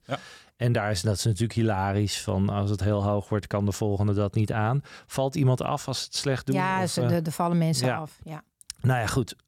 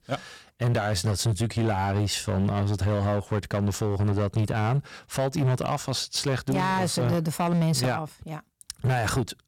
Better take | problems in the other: first | distortion; slight; 13% of the sound clipped

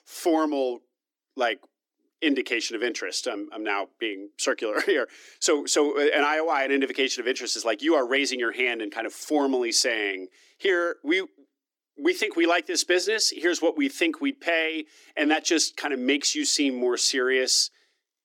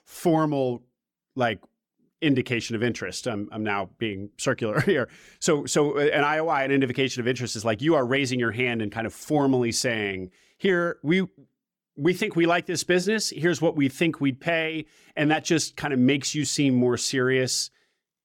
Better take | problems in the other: second | thin; very slightly; fading below 300 Hz

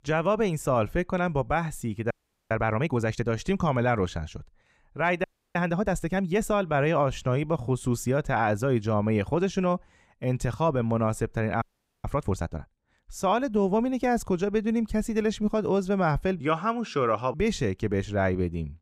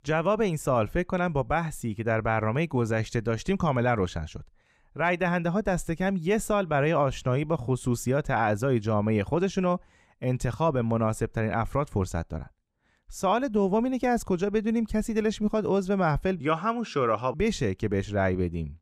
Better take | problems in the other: second | audio freezing; at 2 s, at 5 s and at 12 s

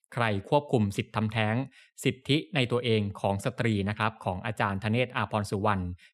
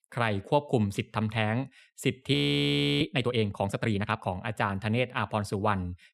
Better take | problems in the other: first | audio freezing; at 2.5 s for 0.5 s

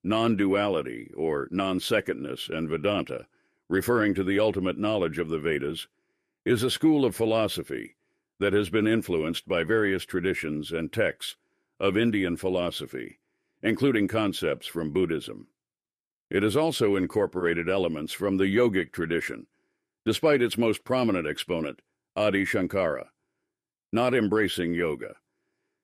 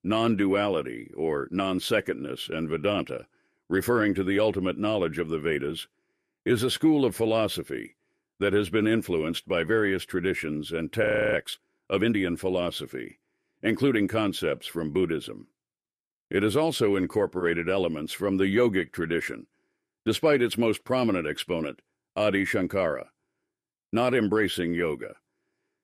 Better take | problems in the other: first | audio freezing; at 11 s

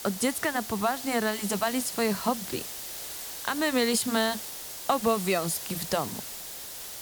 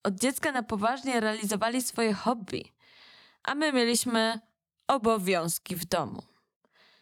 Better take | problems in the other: second | hiss; loud; throughout; 7 dB below the speech

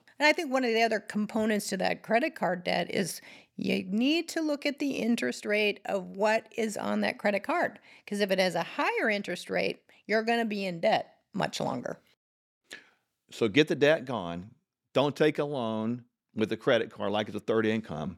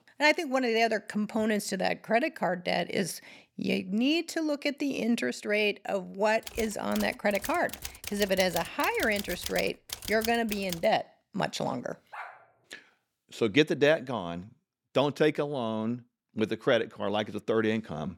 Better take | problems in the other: first | keyboard typing; noticeable; from 6.5 to 11 s; peak 7 dB below the speech // dog barking; faint; at 12 s; peak 15 dB below the speech

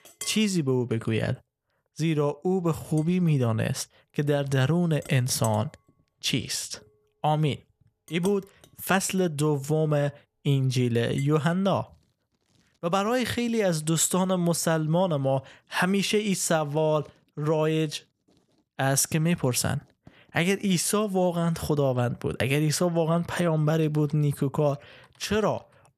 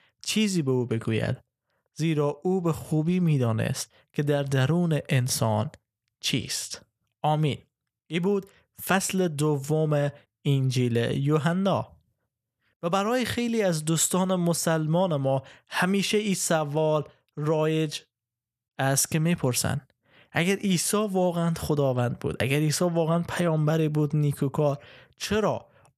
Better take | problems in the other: second | household noises; noticeable; throughout; 20 dB below the speech

